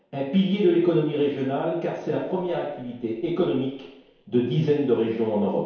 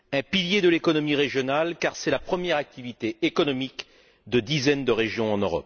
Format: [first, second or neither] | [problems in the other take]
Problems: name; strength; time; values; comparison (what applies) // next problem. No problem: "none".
second | room echo; dies away in 1 s